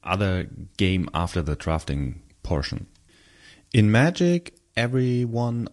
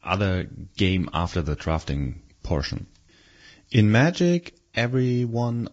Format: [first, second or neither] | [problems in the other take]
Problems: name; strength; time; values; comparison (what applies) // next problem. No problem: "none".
first | garbled, watery; badly; slightly in the first